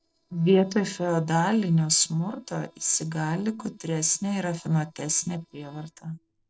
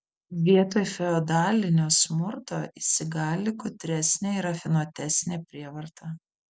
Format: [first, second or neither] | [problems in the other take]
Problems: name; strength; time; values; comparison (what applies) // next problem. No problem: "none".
second | noise reduction (neural separator model SepFormer DNS4)